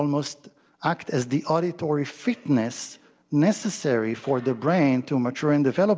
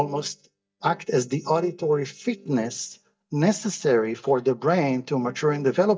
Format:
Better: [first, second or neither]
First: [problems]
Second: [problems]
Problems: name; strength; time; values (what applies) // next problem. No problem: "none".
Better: first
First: none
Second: noise reduction (neural mask model DeepFilterNet 3)